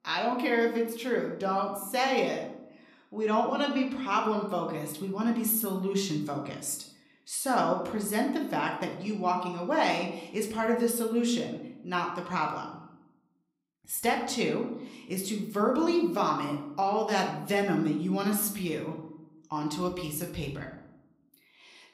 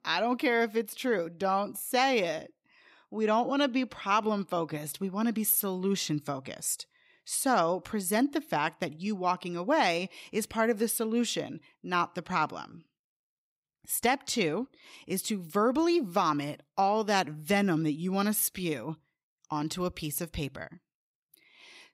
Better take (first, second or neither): second